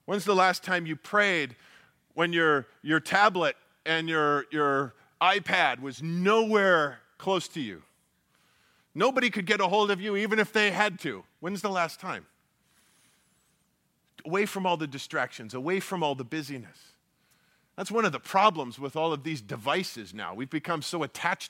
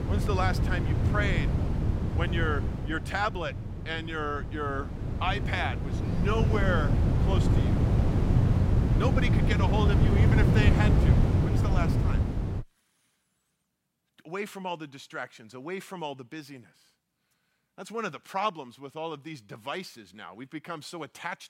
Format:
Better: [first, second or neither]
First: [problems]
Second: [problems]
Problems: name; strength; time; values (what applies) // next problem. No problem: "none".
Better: first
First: none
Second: wind noise on the microphone; heavy; until 13 s; 3 dB below the speech